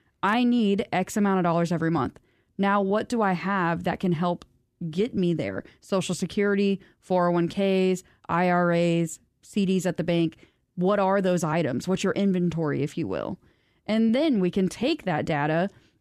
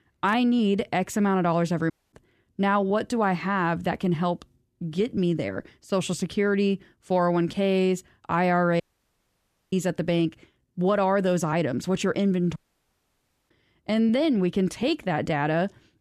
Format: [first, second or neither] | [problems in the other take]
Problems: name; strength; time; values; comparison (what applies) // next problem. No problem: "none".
first | audio cutting out; at 2 s, at 9 s for 1 s and at 13 s for 1 s